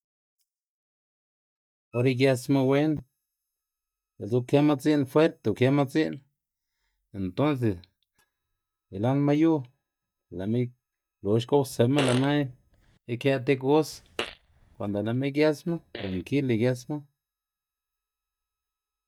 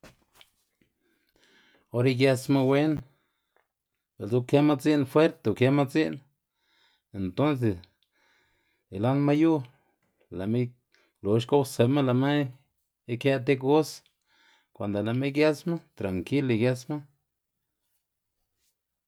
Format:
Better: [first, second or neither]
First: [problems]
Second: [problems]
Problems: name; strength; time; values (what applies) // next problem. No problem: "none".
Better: second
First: noise reduction (neural mask model DeepFilterNet 3)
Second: none